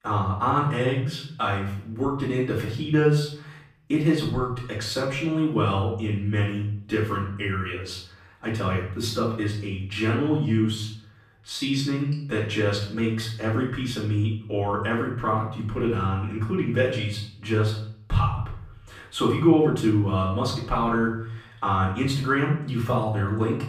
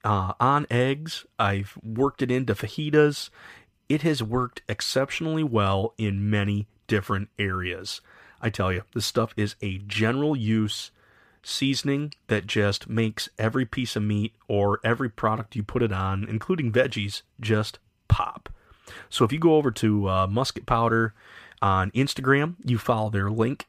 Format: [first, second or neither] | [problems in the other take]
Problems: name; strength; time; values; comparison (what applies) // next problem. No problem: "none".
second | off-mic speech; far // room echo; noticeable; dies away in 0.6 s